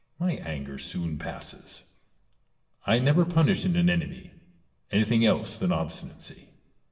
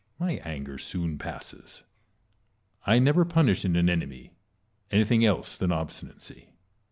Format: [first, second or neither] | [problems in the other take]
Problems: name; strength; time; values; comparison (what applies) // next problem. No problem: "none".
second | room echo; dies away in 0.8 s